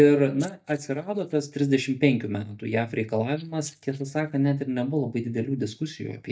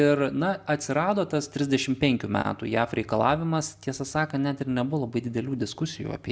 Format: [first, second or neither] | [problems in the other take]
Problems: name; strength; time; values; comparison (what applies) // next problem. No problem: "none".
second | noise reduction (neural mask model DeepFilterNet 3)